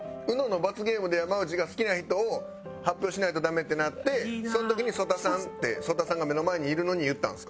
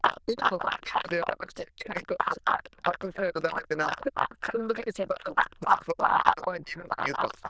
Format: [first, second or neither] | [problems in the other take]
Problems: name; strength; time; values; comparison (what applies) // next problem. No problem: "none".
first | noise reduction (neural diffusion model UNIVERSE++)